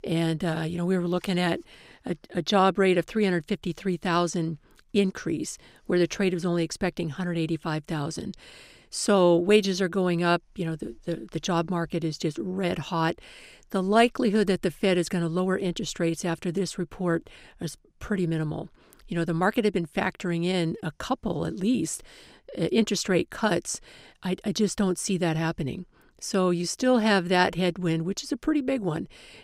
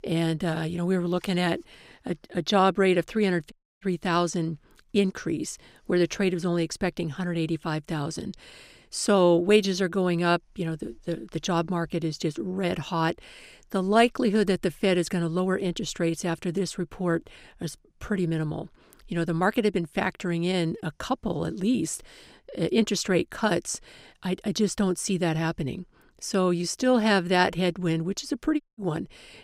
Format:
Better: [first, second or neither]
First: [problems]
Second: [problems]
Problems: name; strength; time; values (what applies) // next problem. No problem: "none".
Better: first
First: none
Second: audio cutting out; at 3.5 s and at 29 s